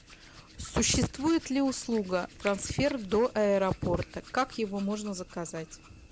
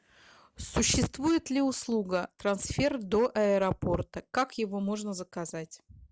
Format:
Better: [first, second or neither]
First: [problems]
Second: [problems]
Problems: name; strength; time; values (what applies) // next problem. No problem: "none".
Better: second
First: background sound (Hands); 19 dB below the speech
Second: none